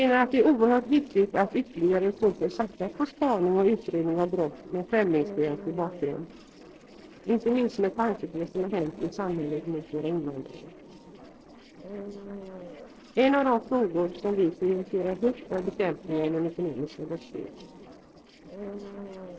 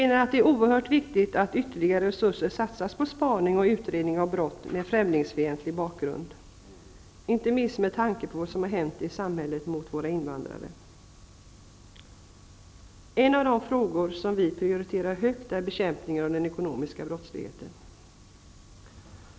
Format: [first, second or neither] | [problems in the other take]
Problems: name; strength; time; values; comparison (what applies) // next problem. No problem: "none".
second | noise reduction (neural separator model SepFormer DNS4)